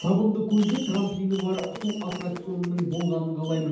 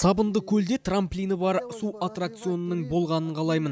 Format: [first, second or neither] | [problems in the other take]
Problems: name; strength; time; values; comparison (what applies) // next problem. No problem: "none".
second | background sound (Fireworks); 17 dB below the speech // room echo; dies away in 0.8 s